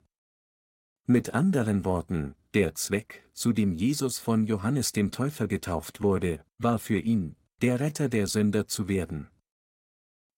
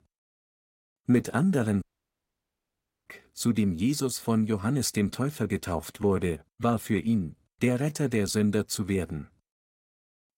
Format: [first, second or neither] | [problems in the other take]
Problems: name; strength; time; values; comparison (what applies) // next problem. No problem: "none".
first | audio cutting out; at 2 s for 1 s